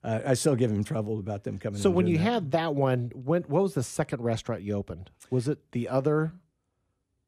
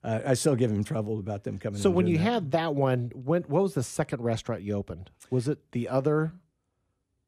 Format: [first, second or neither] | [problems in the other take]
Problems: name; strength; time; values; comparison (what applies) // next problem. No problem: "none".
neither | none